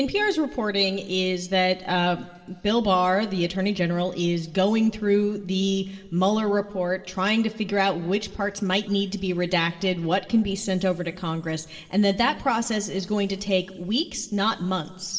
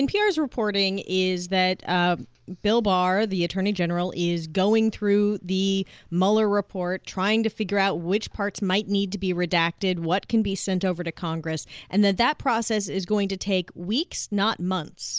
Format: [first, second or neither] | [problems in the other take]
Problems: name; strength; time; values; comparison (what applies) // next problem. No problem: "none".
second | room echo; dies away in 2.9 s